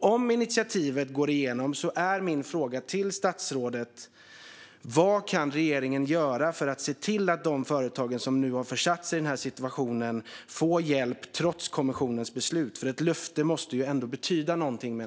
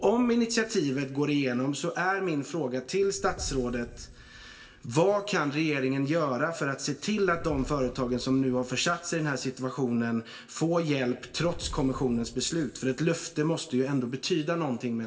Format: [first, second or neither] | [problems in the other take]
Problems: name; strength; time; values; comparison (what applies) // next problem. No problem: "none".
first | background sound (Fire); 19 dB below the speech // room echo; dies away in 0.8 s